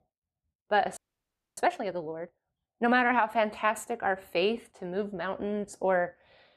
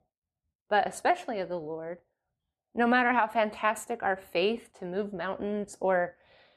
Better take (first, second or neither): second